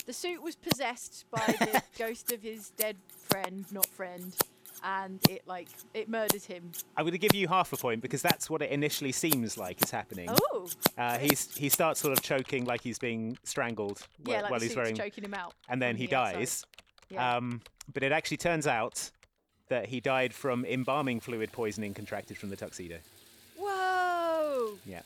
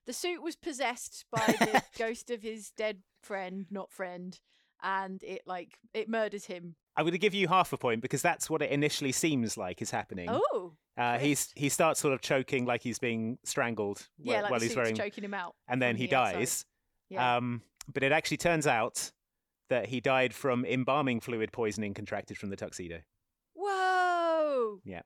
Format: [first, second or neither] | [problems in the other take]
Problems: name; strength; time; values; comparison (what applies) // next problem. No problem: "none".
second | household noises; very loud; throughout; as loud as the speech